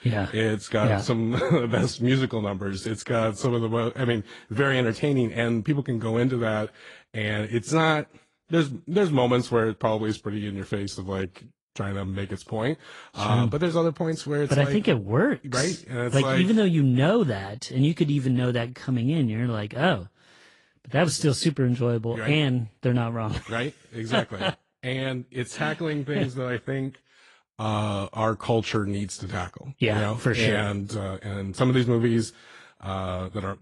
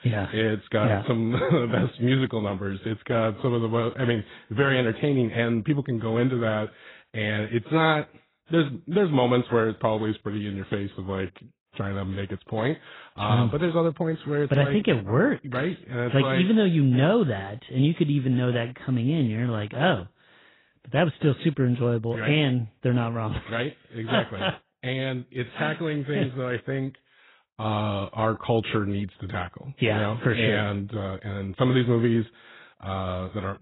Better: first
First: garbled, watery; slightly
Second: garbled, watery; badly; nothing above 4 kHz

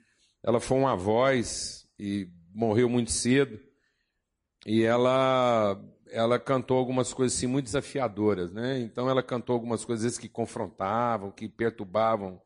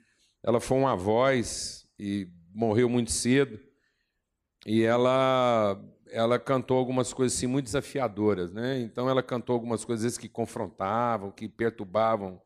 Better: second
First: garbled, watery; slightly; nothing above 10.5 kHz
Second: none

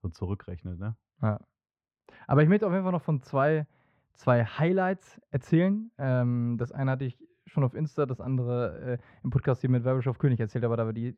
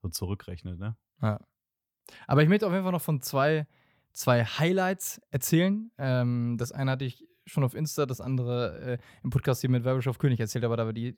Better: second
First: muffled; very; fading above 2 kHz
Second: none

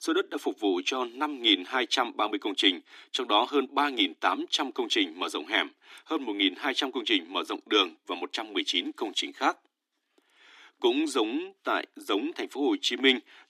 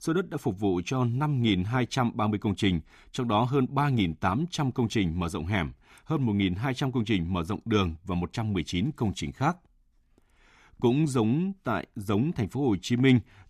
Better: second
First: thin; somewhat; fading below 300 Hz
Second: none

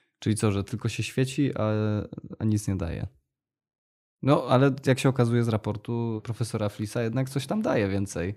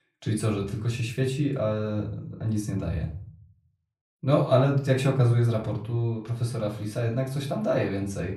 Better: first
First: none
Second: off-mic speech; far // room echo; slight; dies away in 0.4 s

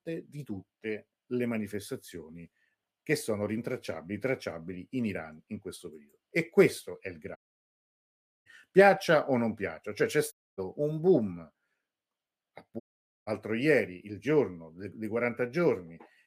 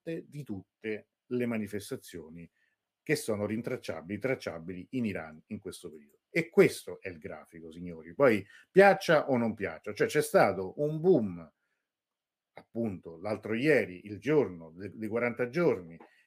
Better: second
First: audio cutting out; at 7.5 s for 1 s, at 10 s and at 13 s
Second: none

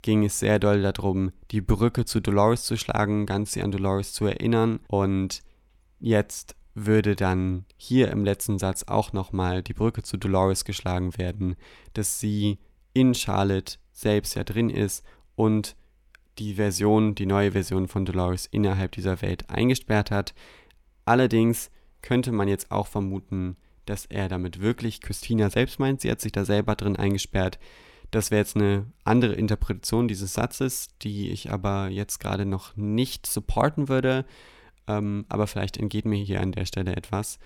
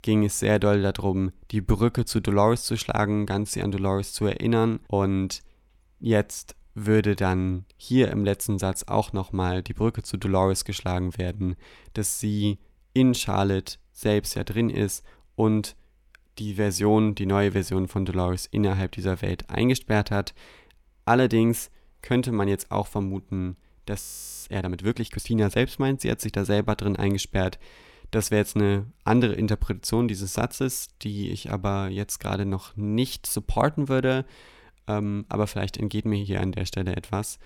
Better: first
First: none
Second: audio freezing; at 24 s

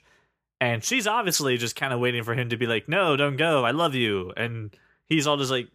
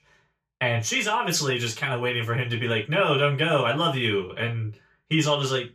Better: first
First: none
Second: room echo; slight; dies away in 0.2 s // off-mic speech; far

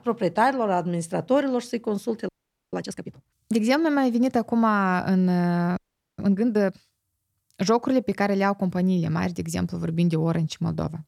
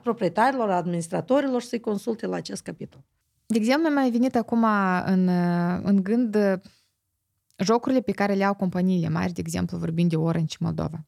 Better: second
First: audio freezing; at 2.5 s and at 6 s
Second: none

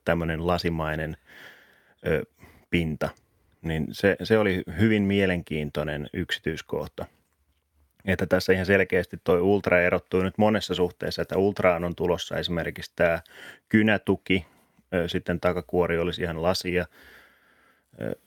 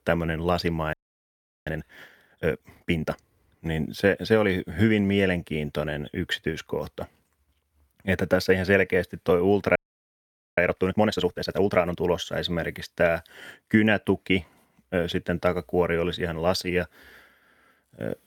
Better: first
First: none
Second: audio freezing; at 1 s for 0.5 s and at 10 s for 1 s

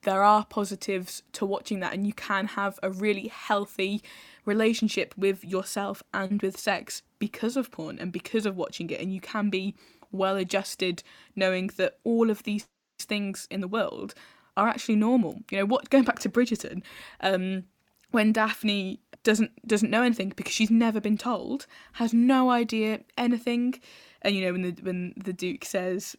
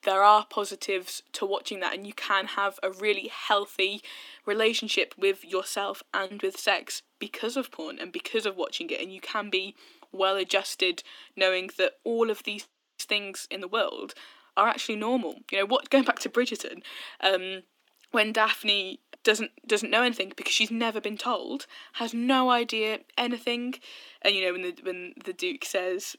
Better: first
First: none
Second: thin; somewhat; fading below 300 Hz

